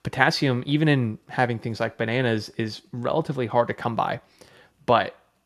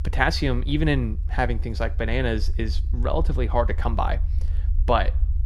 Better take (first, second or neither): first